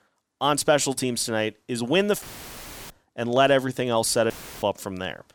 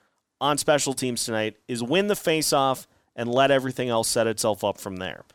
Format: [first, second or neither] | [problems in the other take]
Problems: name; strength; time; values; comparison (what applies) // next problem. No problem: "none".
second | audio cutting out; filled with static; at 2 s for 0.5 s and at 4.5 s